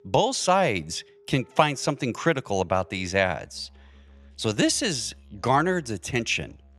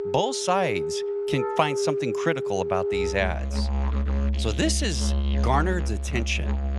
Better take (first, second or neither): first